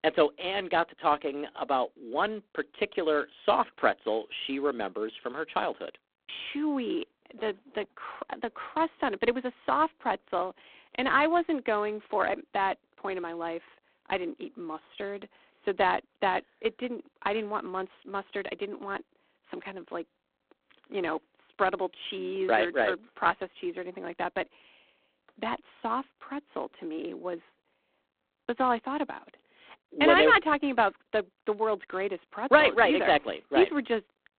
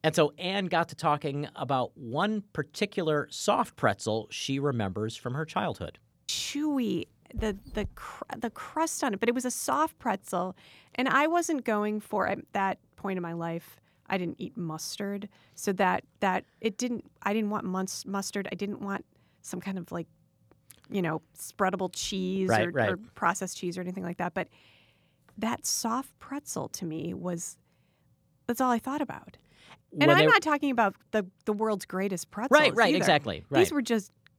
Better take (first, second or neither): second